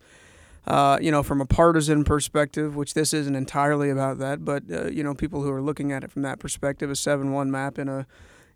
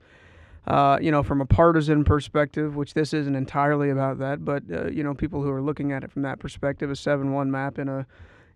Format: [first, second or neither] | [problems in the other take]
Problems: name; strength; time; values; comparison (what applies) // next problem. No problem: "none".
first | muffled; slightly; fading above 3 kHz